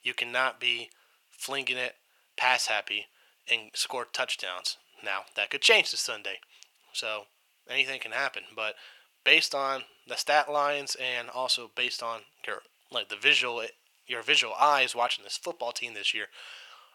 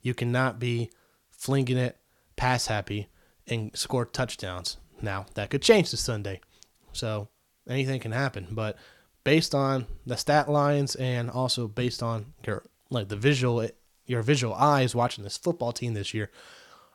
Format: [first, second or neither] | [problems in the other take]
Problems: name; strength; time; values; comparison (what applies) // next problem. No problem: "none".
second | thin; very; fading below 750 Hz